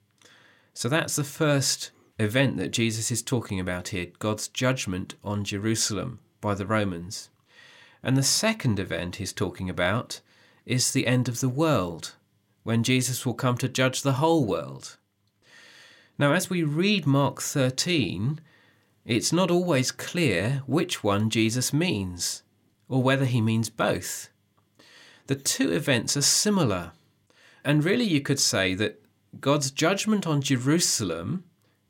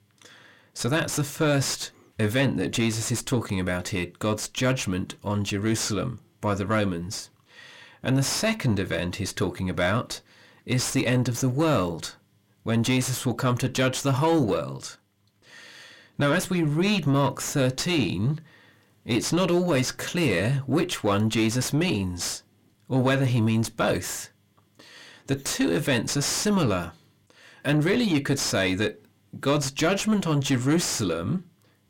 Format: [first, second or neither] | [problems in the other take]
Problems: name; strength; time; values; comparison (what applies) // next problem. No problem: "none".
first | distortion; slight; 9 dB below the speech